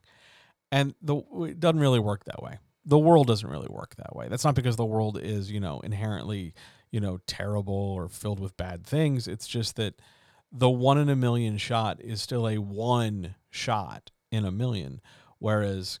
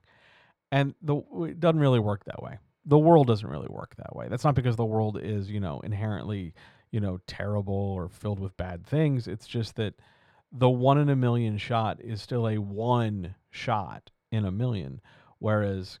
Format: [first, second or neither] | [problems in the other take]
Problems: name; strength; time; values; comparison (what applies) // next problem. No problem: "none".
first | muffled; slightly; fading above 4 kHz